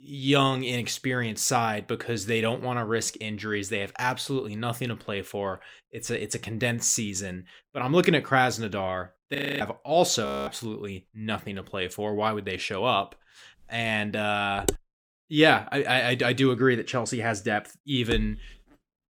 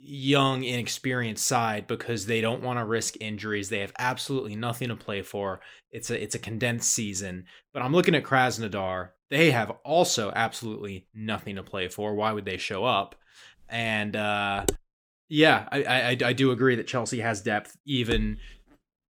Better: second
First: audio freezing; at 9.5 s and at 10 s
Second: none

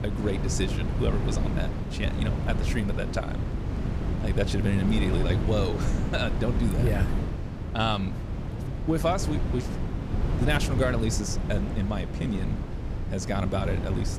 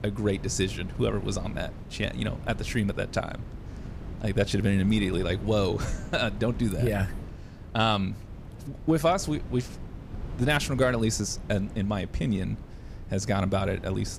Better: second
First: wind noise on the microphone; heavy; 6 dB below the speech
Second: wind noise on the microphone; occasional gusts; 20 dB below the speech

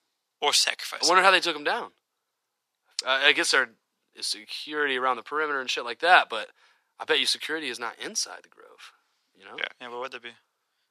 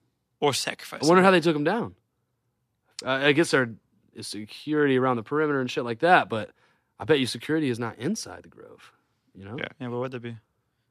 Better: second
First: thin; very; fading below 700 Hz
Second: none

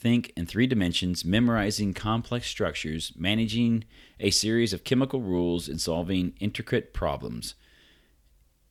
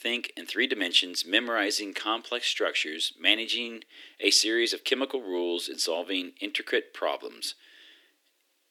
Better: first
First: none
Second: thin; very; fading below 300 Hz

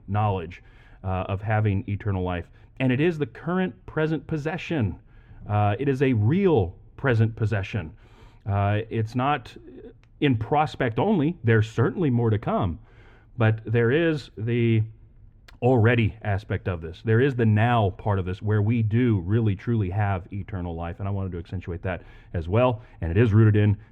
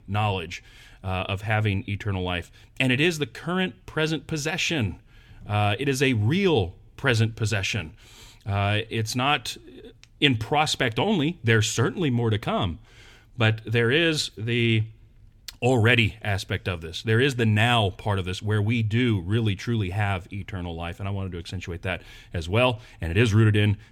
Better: second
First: muffled; very; fading above 2.5 kHz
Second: none

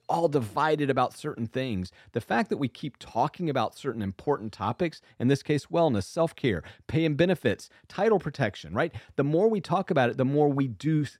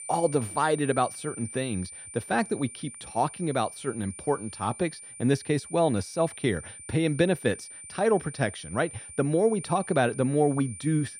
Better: first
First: none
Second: high-pitched whine; noticeable; throughout; 9 kHz, 15 dB below the speech

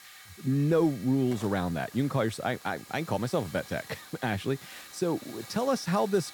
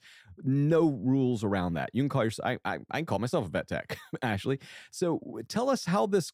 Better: second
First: hiss; noticeable; throughout; 15 dB below the speech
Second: none

